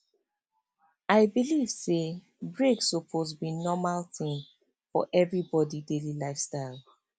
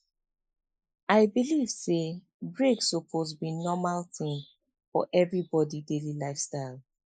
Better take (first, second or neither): first